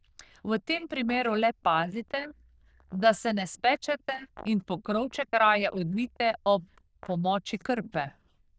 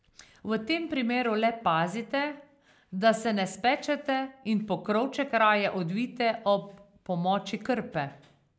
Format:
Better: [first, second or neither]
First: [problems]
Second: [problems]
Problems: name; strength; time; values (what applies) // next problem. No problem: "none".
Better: second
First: noise reduction (neural diffusion model UNIVERSE++)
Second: none